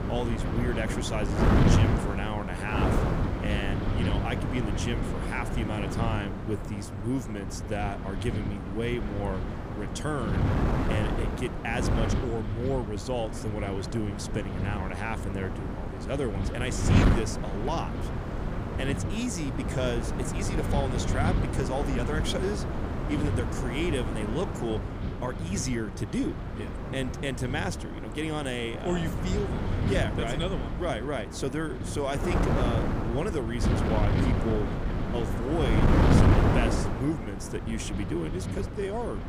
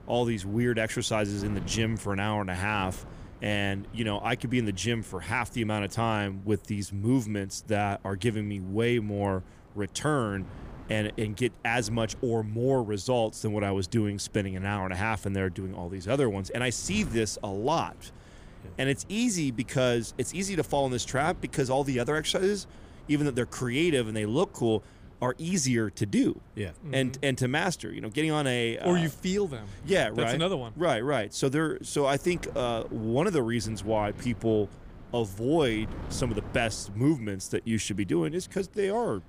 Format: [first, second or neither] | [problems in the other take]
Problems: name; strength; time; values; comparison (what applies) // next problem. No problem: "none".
second | wind noise on the microphone; heavy; 1 dB below the speech; occasional gusts in the second